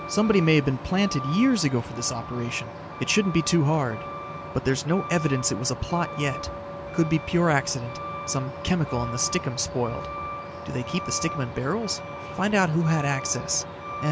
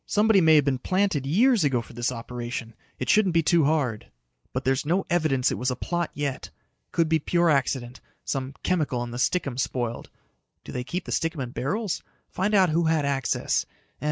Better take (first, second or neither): second